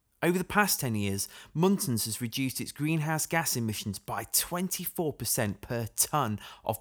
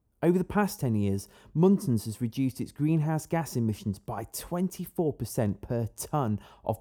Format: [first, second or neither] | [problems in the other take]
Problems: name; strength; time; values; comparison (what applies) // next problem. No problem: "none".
first | muffled; slightly; fading above 1 kHz